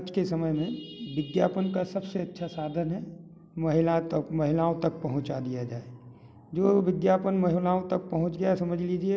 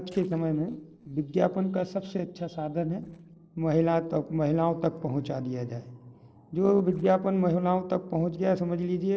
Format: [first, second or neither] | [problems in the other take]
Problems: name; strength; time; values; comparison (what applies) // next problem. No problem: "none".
first | noise reduction (neural separator model SepFormer DNS4)